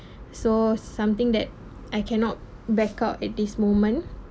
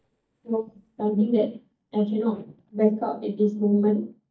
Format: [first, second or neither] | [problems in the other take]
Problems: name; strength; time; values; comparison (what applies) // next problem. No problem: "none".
first | noise reduction (neural mask model DeepFilterNet 3)